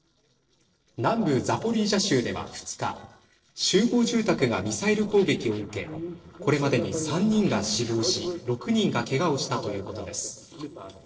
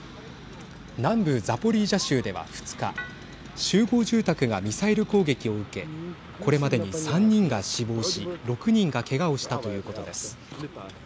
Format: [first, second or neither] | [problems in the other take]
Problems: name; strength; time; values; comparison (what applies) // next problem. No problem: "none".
second | noise reduction (neural separator model SepFormer DNS4)